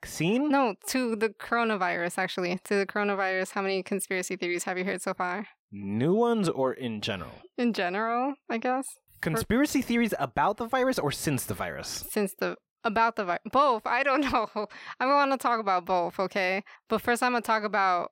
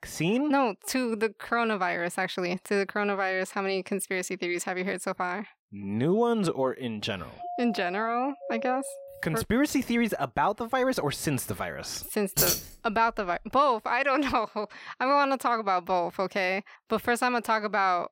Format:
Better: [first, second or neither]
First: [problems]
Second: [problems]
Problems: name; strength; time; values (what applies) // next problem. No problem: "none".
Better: first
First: none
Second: doorbell; noticeable; from 7.5 to 9.5 s; peak 9 dB below the speech // jangling keys; loud; at 12 s; peak 4 dB above the speech